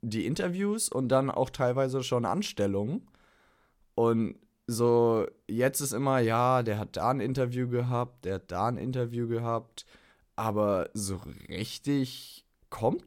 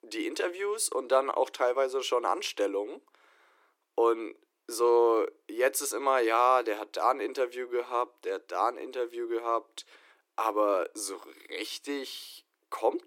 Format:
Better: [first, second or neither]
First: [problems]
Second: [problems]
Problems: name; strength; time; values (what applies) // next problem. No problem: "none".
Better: first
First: none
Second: thin; very; fading below 300 Hz